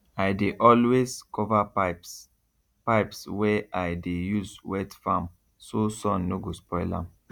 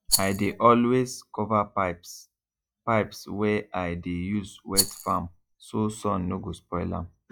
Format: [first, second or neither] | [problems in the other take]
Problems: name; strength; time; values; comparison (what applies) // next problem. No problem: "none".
first | noise reduction (classical method log-MMSE)